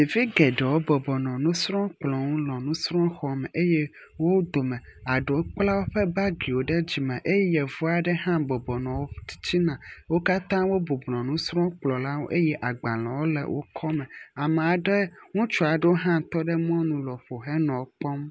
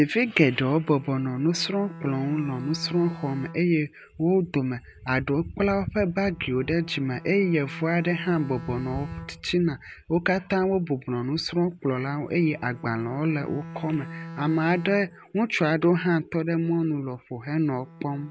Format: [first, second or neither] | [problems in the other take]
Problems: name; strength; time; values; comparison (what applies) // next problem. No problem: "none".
first | background sound (Bowed string instrument); 17 dB below the speech